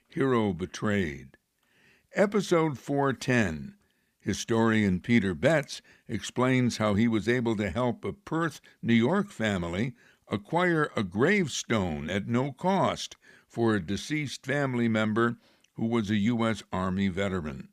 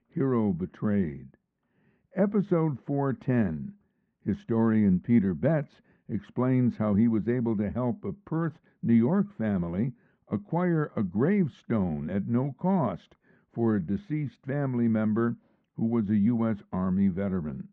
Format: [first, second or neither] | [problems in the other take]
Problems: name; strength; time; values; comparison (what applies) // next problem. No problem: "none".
first | muffled; very; fading above 1 kHz